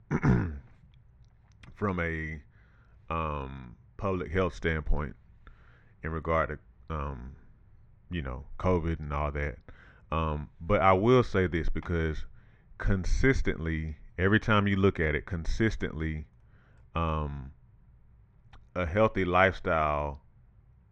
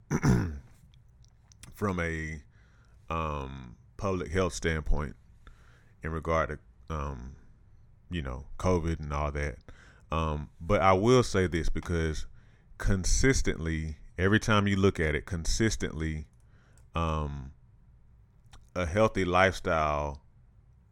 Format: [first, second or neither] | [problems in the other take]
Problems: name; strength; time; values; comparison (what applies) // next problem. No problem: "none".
second | muffled; slightly; fading above 2.5 kHz